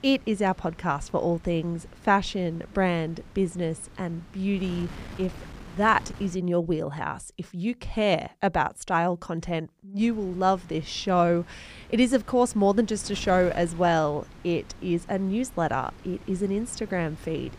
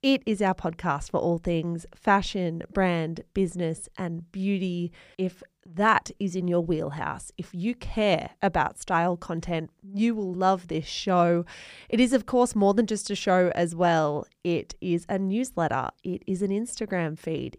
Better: second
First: wind noise on the microphone; occasional gusts; until 6.5 s and from 10 s on; 20 dB below the speech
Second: none

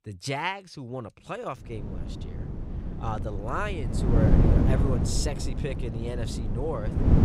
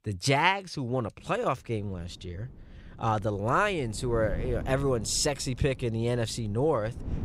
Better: second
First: wind noise on the microphone; heavy; from 1.5 s on; 3 dB below the speech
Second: wind noise on the microphone; occasional gusts; from 1.5 s on; 25 dB below the speech

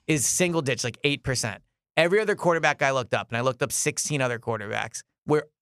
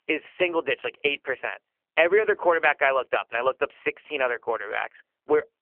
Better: first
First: none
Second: phone-call audio; poor line; nothing above 3 kHz

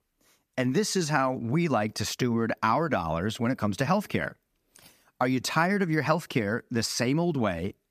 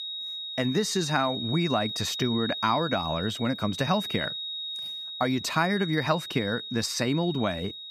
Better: first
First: none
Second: high-pitched whine; loud; throughout; 4 kHz, 6 dB below the speech

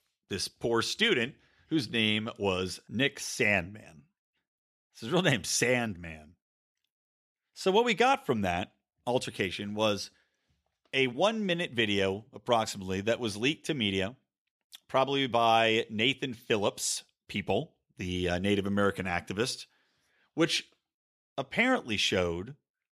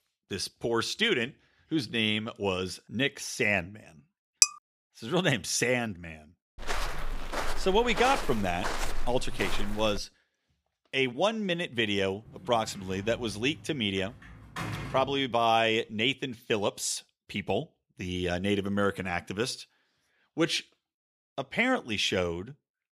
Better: first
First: none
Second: clattering dishes; very faint; at 4.5 s; peak 6 dB above the speech // footsteps; noticeable; from 6.5 to 10 s; peak 3 dB below the speech // door banging; noticeable; from 12 to 15 s; peak 7 dB below the speech

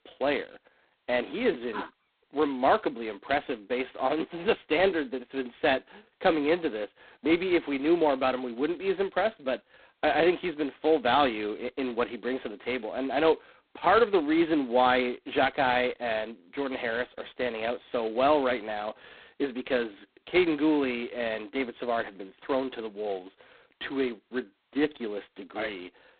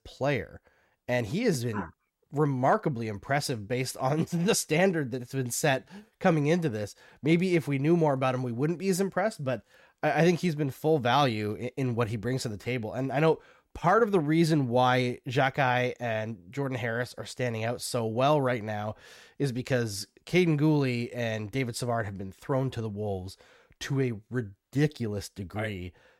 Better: second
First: phone-call audio; poor line; nothing above 4 kHz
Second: none

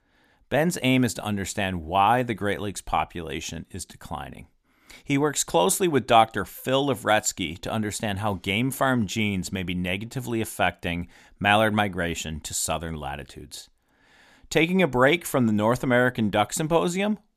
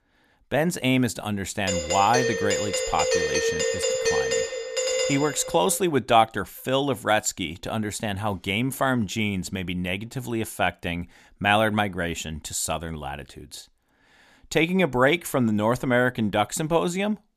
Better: first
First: none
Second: doorbell; loud; from 1.5 to 6 s; peak 2 dB above the speech

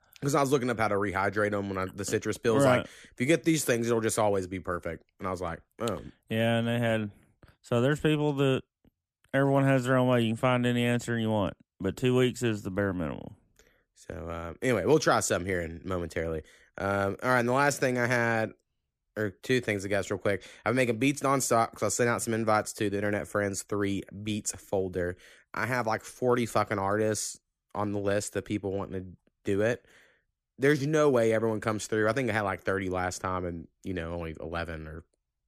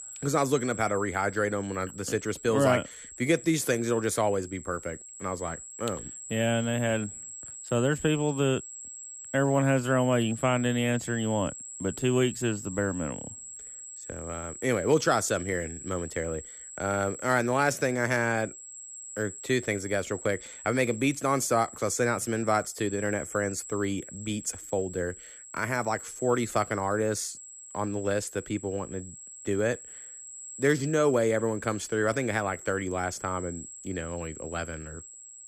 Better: first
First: none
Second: high-pitched whine; noticeable; throughout; 7.5 kHz, 10 dB below the speech

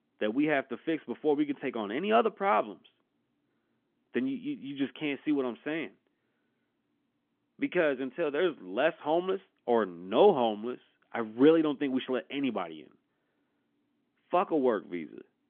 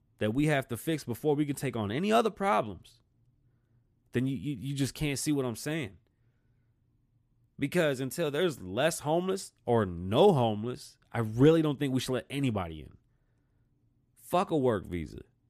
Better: second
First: phone-call audio; nothing above 3.5 kHz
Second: none

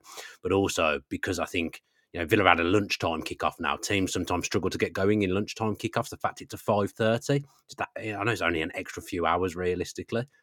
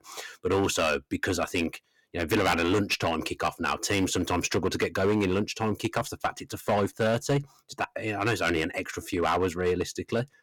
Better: first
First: none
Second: distortion; heavy; 6% of the sound clipped

